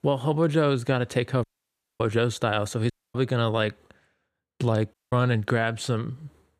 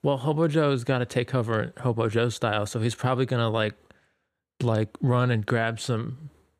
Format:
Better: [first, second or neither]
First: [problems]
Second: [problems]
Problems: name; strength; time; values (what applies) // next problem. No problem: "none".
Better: second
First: audio cutting out; at 1.5 s for 0.5 s, at 3 s and at 5 s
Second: none